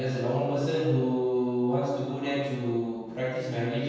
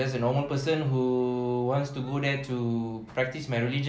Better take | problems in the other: second | room echo; dies away in 1.2 s

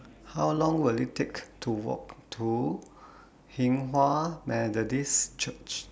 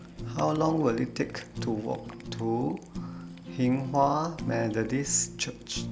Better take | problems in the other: first | background sound (Fire); 10 dB below the speech

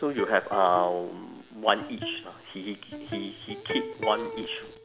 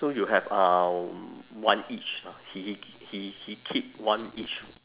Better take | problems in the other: second | background sound (Electric guitar); 9 dB below the speech

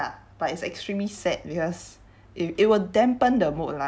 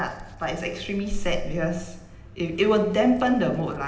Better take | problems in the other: first | background sound (Hands); 9 dB below the speech // room echo; dies away in 0.9 s

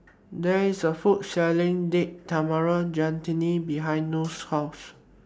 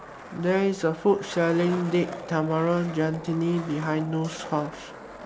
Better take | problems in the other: first | background sound (Skateboard); 14 dB below the speech

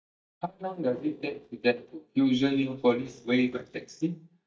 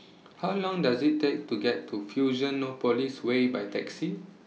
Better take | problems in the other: second | noise reduction (neural mask model DeepFilterNet 3)

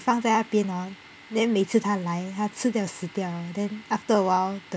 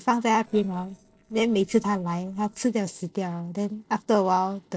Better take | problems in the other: first | noise reduction (neural separator model SepFormer DNS4)

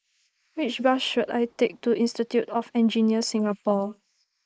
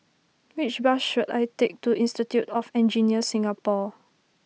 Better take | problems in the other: second | noise reduction (neural mask model Resemble Enhance denoiser)

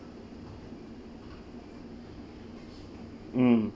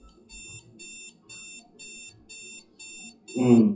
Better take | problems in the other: first | noise reduction (classical method WPE with log-MMSE)

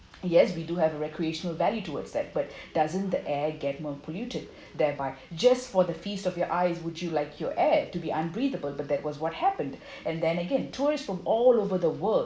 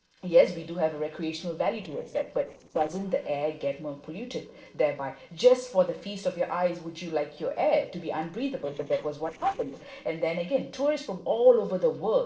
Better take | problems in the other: first | noise reduction (neural separator model SepFormer DNS4)

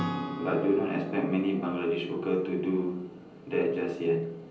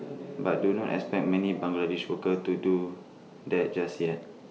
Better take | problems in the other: second | background sound (Acoustic guitar / Strum); 12 dB below the speech // room echo; dies away in 0.6 s

